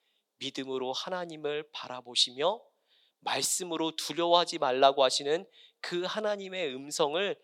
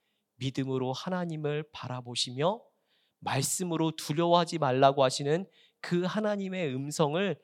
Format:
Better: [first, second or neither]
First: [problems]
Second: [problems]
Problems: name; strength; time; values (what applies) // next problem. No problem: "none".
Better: second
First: thin; somewhat; fading below 400 Hz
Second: none